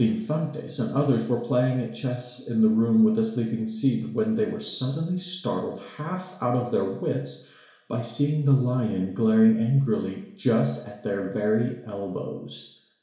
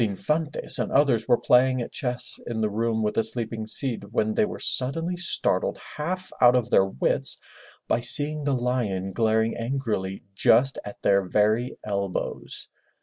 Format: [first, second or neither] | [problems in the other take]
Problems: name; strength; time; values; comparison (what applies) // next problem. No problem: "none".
second | room echo; dies away in 0.7 s